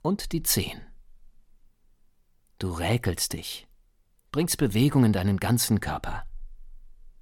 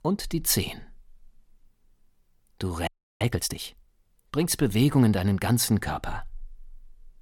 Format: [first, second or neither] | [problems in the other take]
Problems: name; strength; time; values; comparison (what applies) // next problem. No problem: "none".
first | audio freezing; at 3 s